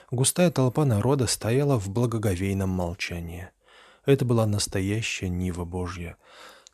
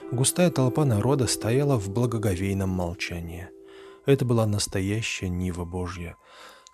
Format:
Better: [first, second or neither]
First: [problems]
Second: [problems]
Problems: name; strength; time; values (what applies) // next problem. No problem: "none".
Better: first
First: none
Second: background music; noticeable; throughout; 15 dB below the speech